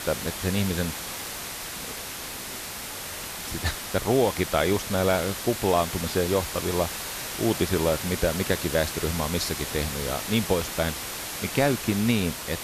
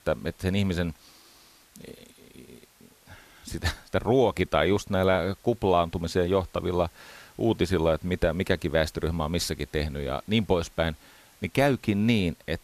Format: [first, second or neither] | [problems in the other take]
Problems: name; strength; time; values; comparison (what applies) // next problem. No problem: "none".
second | hiss; loud; throughout; 5 dB below the speech; faint in the second